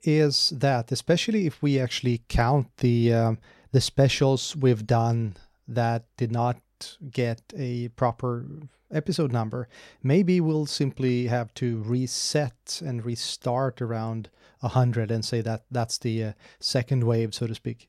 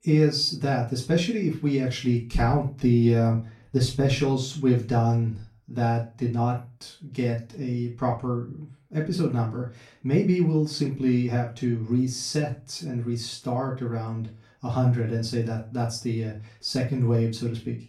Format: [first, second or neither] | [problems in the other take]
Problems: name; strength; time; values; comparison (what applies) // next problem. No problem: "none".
first | off-mic speech; far // room echo; slight; dies away in 0.3 s